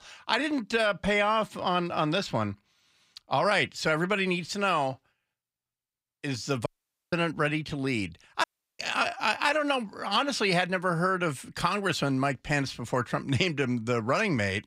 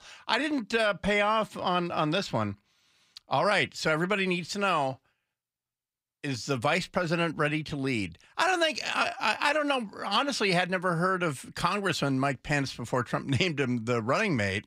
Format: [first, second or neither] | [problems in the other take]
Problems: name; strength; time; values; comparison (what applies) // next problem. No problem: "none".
second | audio cutting out; at 6.5 s and at 8.5 s